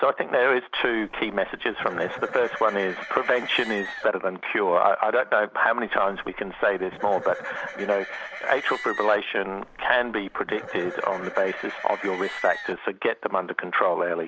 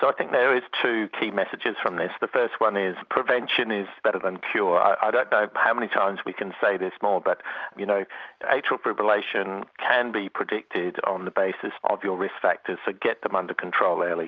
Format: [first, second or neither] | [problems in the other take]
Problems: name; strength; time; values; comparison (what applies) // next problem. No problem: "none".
second | background sound (Livestock, farm animals, working animals); 13 dB below the speech